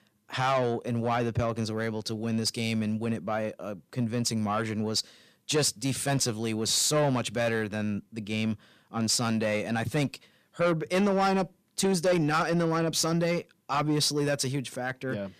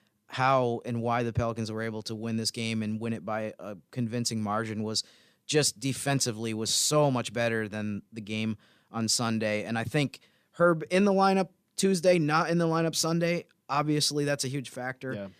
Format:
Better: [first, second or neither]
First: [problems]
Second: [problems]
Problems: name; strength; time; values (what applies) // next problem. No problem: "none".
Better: second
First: distortion; slight; 10 dB below the speech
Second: none